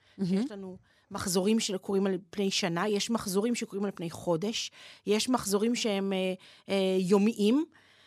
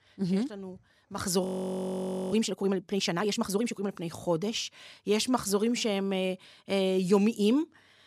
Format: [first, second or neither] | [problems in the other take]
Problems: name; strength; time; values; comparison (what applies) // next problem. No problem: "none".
first | audio freezing; at 1.5 s for 1 s